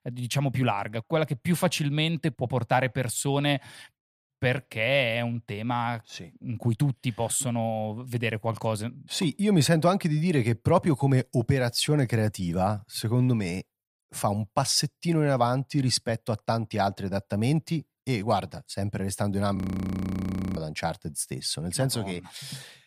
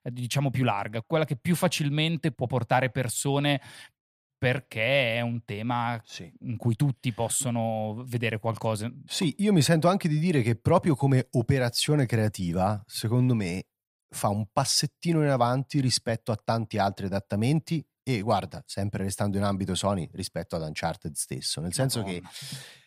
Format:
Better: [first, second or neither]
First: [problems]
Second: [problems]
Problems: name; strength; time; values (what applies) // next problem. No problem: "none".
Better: second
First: audio freezing; at 20 s for 1 s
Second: none